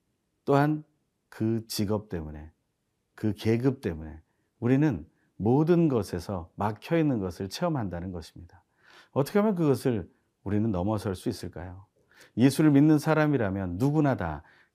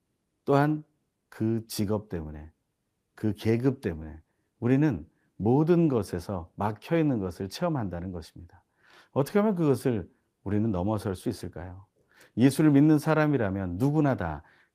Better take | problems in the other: first | garbled, watery; slightly; nothing above 15 kHz

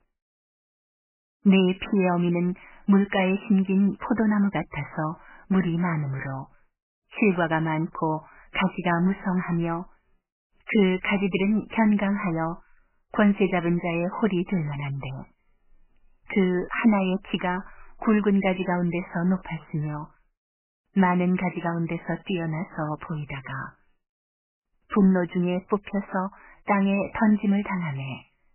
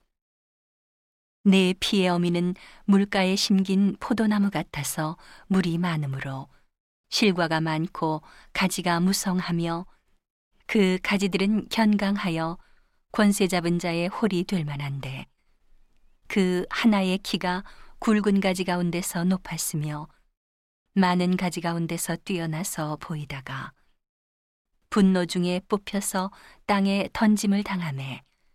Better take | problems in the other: second | garbled, watery; badly; nothing above 3 kHz

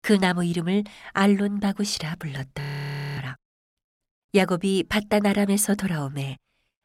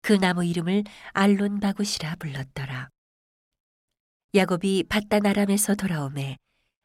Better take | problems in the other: second | audio freezing; at 2.5 s for 0.5 s

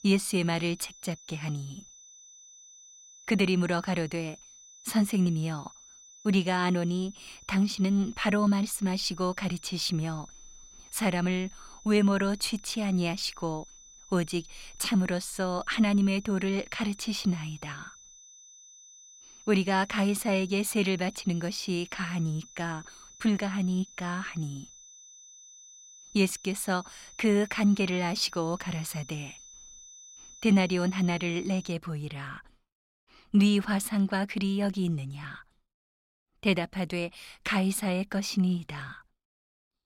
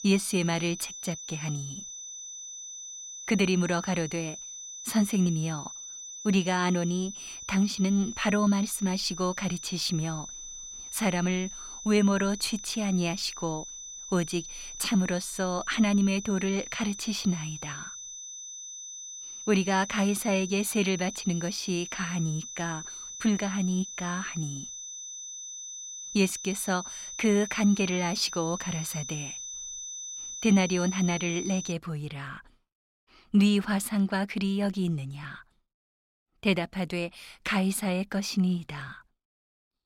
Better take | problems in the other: first | high-pitched whine; loud; until 32 s; 6 kHz, 10 dB below the speech; faint in the first

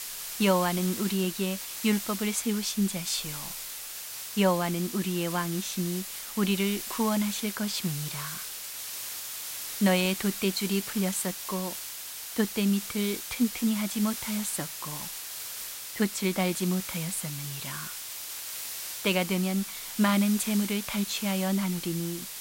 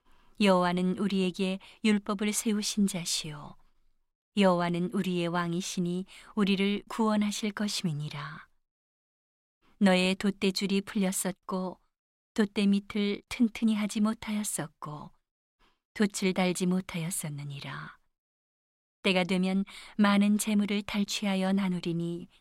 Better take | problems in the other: second | hiss; loud; throughout; 6 dB below the speech

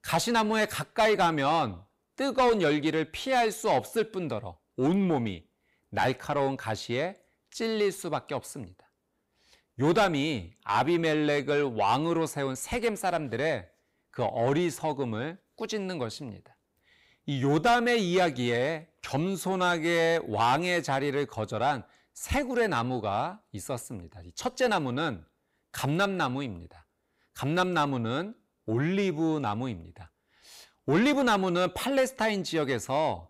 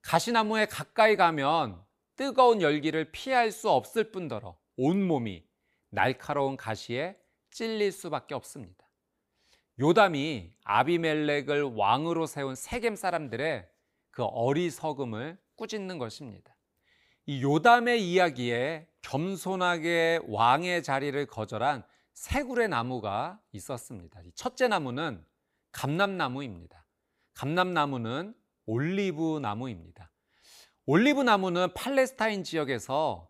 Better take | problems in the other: second | distortion; slight; 10 dB below the speech

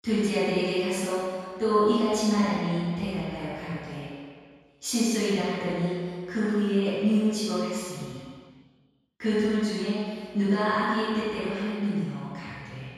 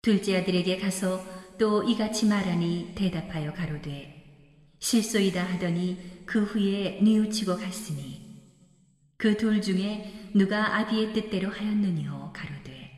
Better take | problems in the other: second | room echo; strong; dies away in 1.8 s; slight in the second // off-mic speech; far

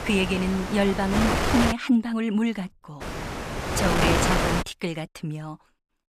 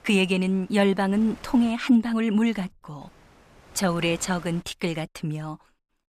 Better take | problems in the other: second | wind noise on the microphone; heavy; until 1.5 s and from 3 to 4.5 s; 2 dB above the speech; occasional gusts in the second

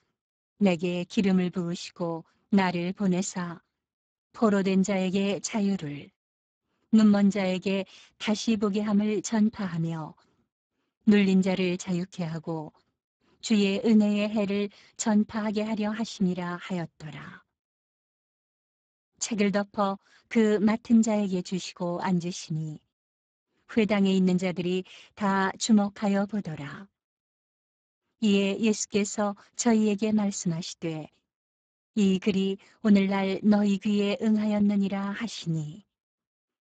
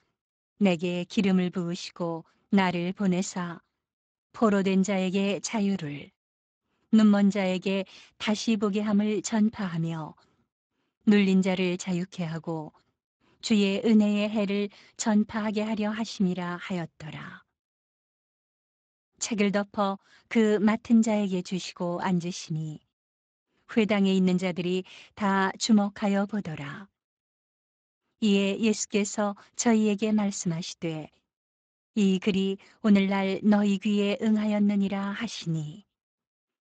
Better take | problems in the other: second | garbled, watery; badly; nothing above 7.5 kHz; slightly in the second

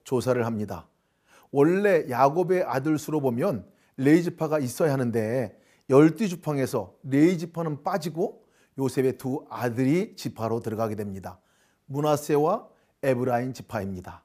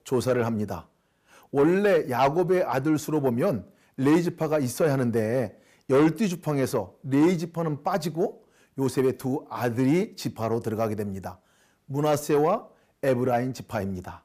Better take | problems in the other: first | distortion; slight; 10 dB below the speech

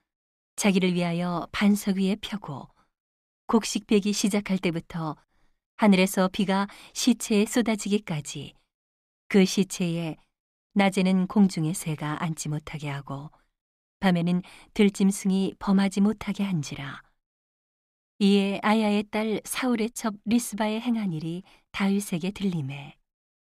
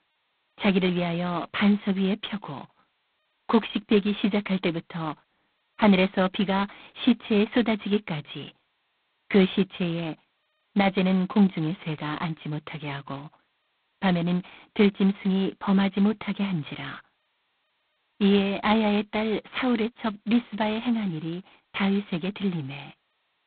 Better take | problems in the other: first | phone-call audio; poor line; nothing above 4 kHz

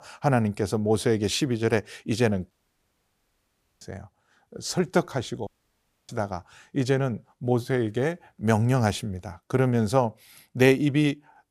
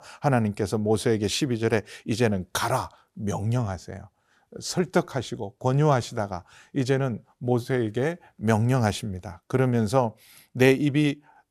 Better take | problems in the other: second | audio cutting out; at 2.5 s for 1.5 s and at 5.5 s for 0.5 s

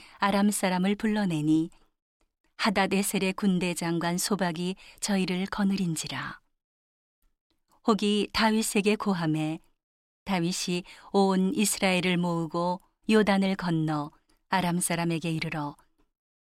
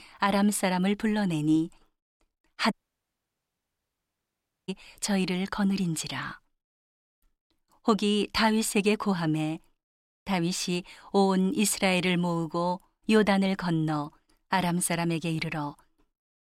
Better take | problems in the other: first | audio cutting out; at 2.5 s for 2 s

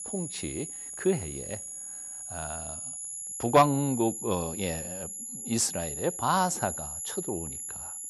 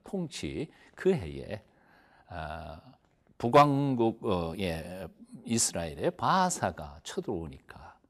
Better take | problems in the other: second | high-pitched whine; loud; throughout; 11 kHz, 6 dB below the speech

